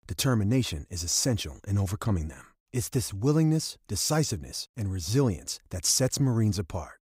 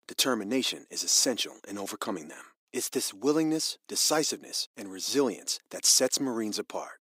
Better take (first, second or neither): first